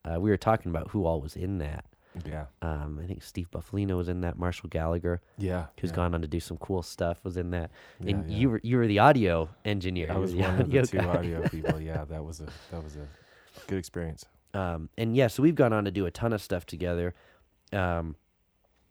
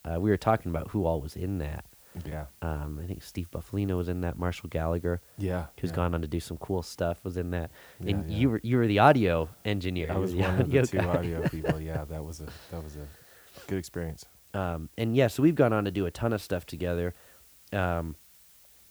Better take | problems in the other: first | hiss; faint; throughout; 25 dB below the speech

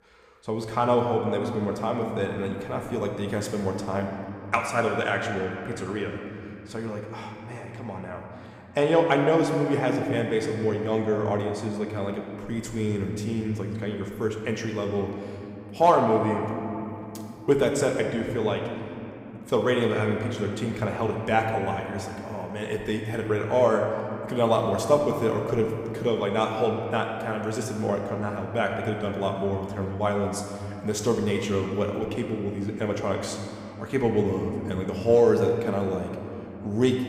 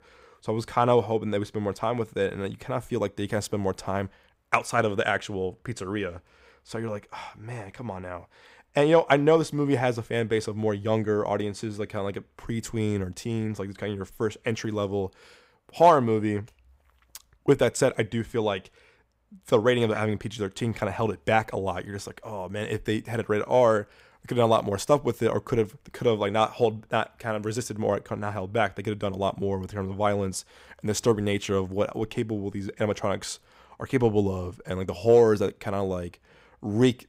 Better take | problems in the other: second | room echo; noticeable; dies away in 2.7 s

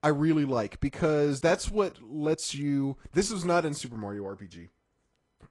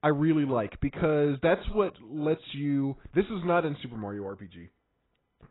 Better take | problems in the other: first | garbled, watery; badly; nothing above 4 kHz; slightly in the first

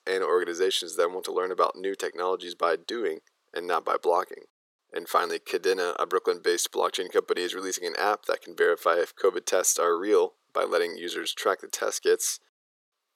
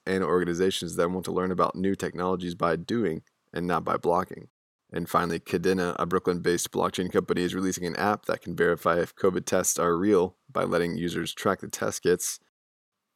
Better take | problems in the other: second | thin; very; fading below 400 Hz

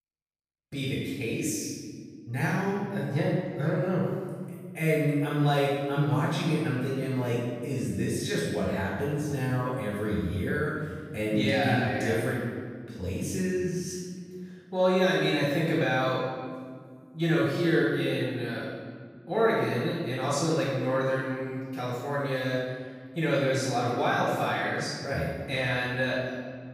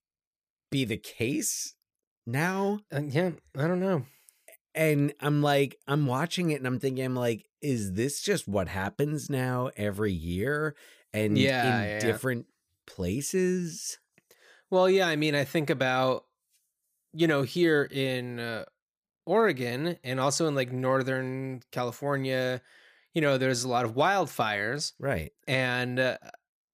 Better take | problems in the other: second | room echo; strong; dies away in 1.6 s // off-mic speech; far

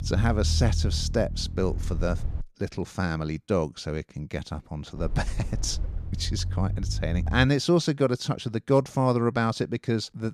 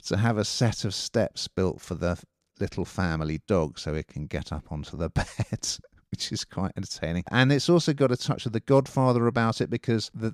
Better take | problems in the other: second | low rumble; noticeable; until 2.5 s and from 5 to 7.5 s; 20 dB below the speech

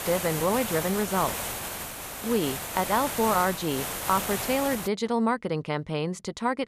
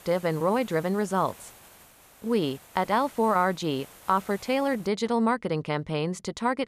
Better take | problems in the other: second | hiss; loud; until 5 s; 4 dB below the speech; faint in the second

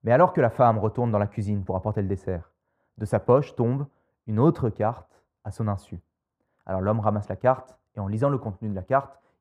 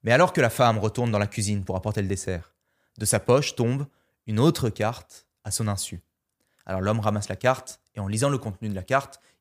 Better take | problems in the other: second | muffled; very; fading above 2 kHz

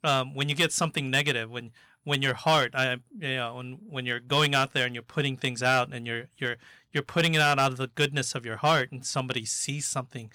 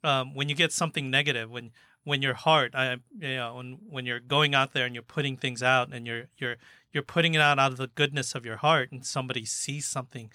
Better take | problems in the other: second | distortion; slight; 3% of the sound clipped

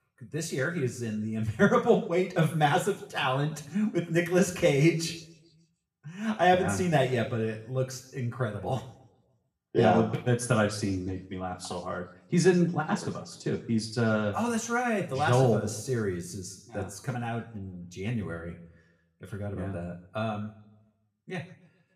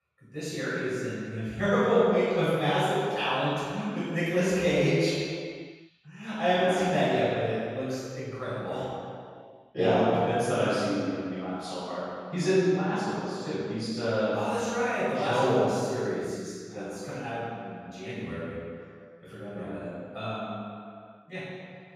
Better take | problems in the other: first | room echo; strong; dies away in 2.2 s; slight in the first // off-mic speech; far; somewhat distant in the first

